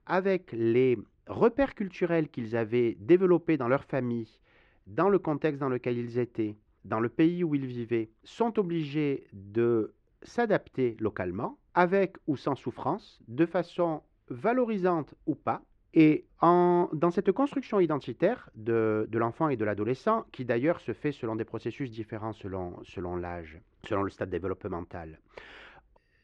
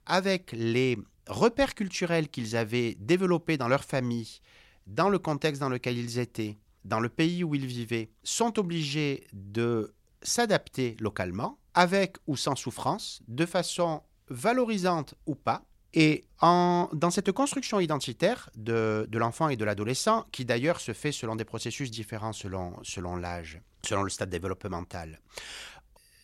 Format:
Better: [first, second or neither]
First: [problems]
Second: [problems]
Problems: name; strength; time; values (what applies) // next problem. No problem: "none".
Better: second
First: muffled; very; fading above 2 kHz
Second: none